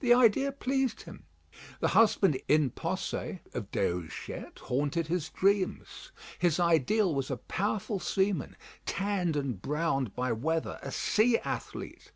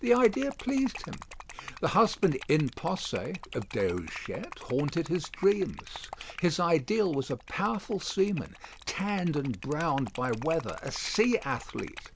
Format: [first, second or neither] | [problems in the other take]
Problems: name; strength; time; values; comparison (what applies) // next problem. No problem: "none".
first | background sound (Liquid); 16 dB below the speech